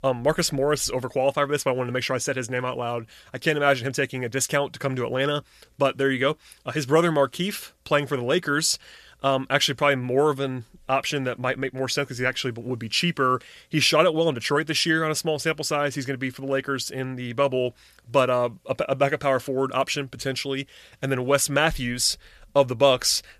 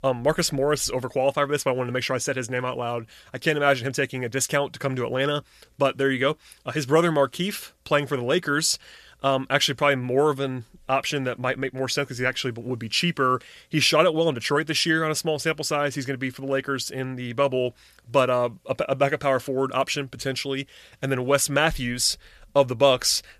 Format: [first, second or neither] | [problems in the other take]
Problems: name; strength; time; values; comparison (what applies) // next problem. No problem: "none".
neither | none